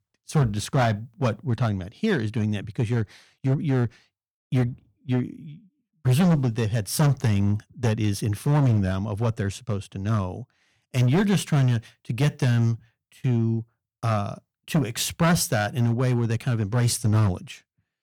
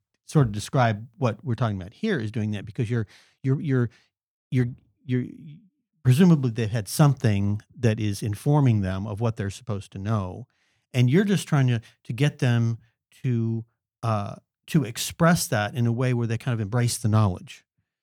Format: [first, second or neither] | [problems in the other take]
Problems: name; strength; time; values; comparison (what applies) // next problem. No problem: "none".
second | distortion; slight; 7% of the sound clipped